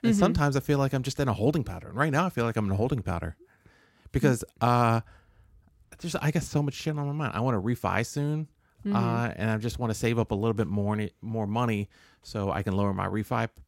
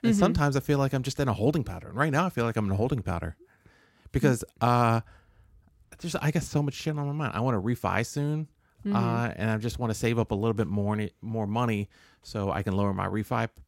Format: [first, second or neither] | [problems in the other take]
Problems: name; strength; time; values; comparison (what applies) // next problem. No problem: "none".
neither | none